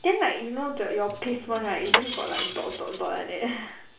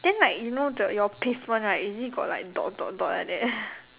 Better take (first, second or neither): second